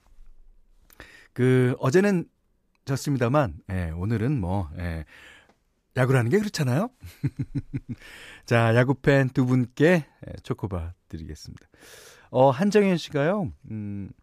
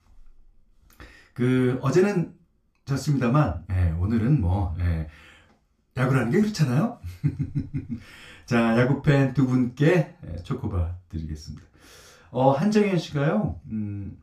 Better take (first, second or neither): first